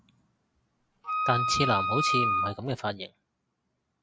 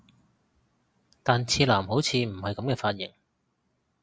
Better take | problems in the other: second | background sound (Wind instrument, woodwind instrument); 4 dB above the speech

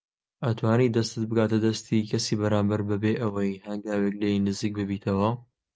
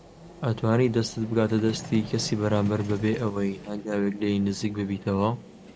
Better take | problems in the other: first | background sound (Vehicle); 16 dB below the speech

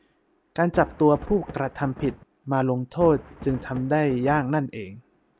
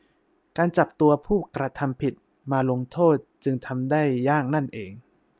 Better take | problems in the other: second | background sound (Thunder); 15 dB below the speech

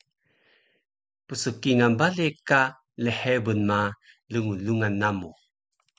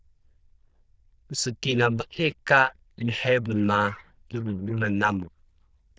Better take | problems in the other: first | noise reduction (neural diffusion model UNIVERSE++)

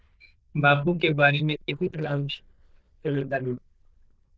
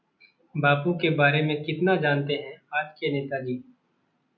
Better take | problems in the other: second | noise reduction (neural diffusion model UNIVERSE++)

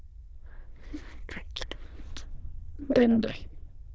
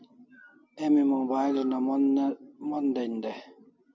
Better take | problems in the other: second | noise reduction (neural diffusion model UNIVERSE++)

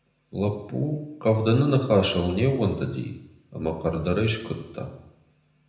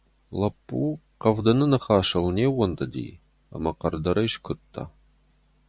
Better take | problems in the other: second | room echo; dies away in 0.8 s

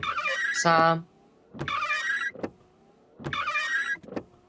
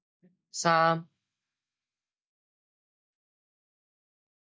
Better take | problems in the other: second | background sound (Car); as loud as the speech

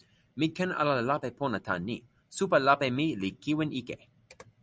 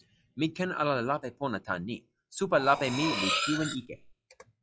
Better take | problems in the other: first | noise reduction (classical method log-MMSE)

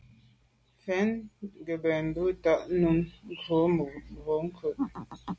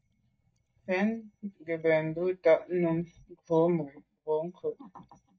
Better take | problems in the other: first | noise reduction (neural mask model DeepFilterNet 3)

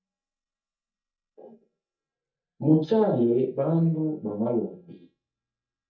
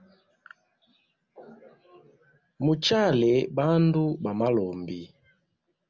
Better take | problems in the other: second | noise reduction (neural mask model DeepFilterNet 3)

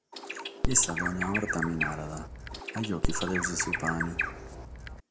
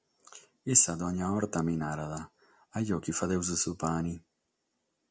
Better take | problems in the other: second | background sound (Bird + Dog); as loud as the speech

